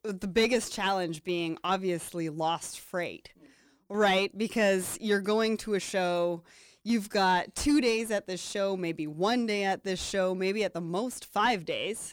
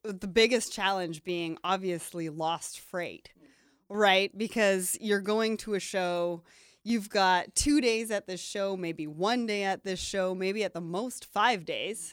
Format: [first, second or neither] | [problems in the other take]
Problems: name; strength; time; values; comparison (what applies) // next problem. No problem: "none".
second | distortion; slight; 10 dB below the speech